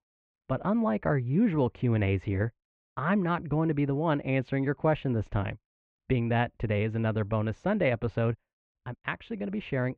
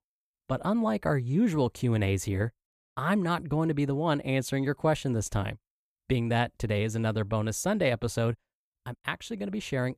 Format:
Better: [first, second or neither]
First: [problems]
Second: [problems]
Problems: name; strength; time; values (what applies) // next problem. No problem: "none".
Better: second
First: muffled; very; fading above 2.5 kHz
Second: none